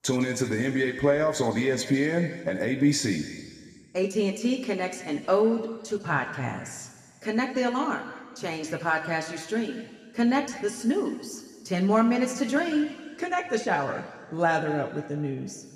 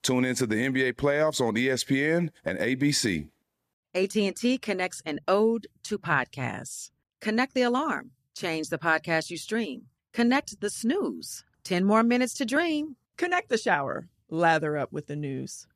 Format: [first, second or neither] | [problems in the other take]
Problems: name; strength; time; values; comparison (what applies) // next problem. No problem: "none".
second | room echo; slight; dies away in 1.8 s